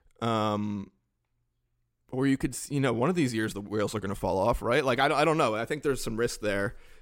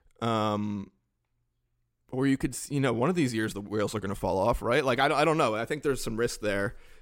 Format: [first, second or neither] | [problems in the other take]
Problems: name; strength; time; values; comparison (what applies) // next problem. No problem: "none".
neither | none